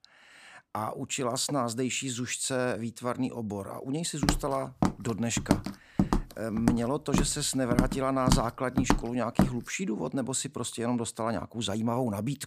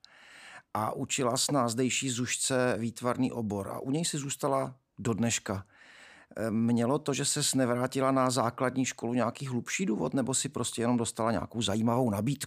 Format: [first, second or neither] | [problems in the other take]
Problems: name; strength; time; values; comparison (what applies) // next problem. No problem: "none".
second | footsteps; loud; from 4 to 9.5 s; peak 3 dB above the speech